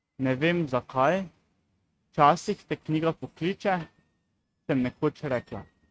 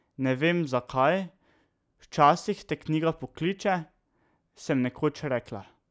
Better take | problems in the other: second | noise reduction (neural mask model RNNoise)

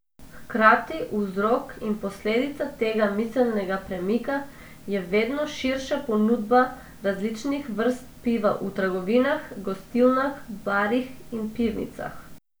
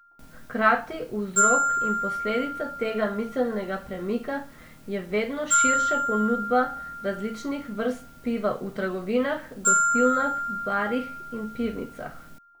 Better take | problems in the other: first | background sound (Glockenspiel); 1 dB below the speech

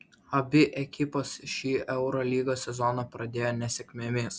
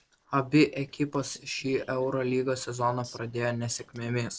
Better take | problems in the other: first | noise reduction (neural separator model SepFormer DNS4)

